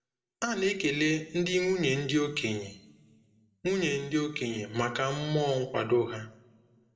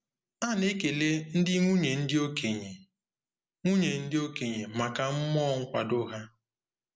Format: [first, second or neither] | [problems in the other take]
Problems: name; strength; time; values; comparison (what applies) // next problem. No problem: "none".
second | room echo; dies away in 0.9 s